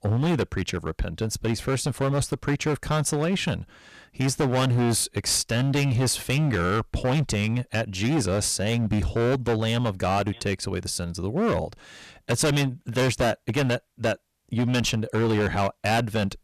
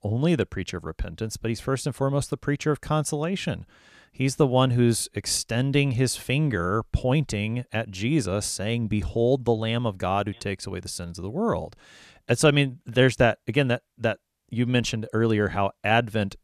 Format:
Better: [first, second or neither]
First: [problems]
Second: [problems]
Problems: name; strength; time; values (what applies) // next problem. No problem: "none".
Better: second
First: distortion; heavy; 16% of the sound clipped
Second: none